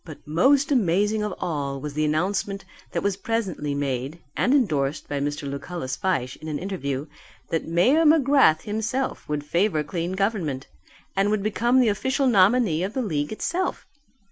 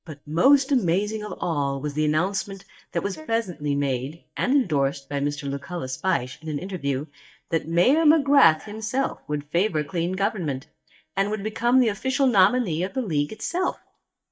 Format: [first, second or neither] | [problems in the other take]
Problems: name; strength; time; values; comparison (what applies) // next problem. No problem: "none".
first | noise reduction (neural mask model DeepFilterNet 3)